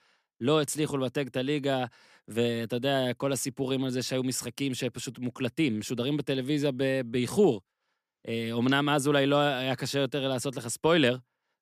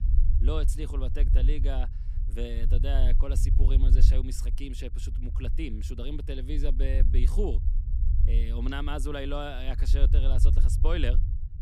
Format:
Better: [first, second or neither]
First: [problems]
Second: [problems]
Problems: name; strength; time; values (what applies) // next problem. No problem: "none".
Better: first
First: none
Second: low rumble; loud; throughout; 9 dB below the speech